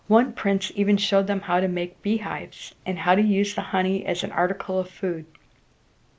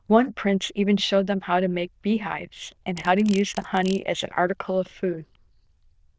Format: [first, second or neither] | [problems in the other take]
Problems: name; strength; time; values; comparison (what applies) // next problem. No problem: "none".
first | noise reduction (neural diffusion model UNIVERSE++)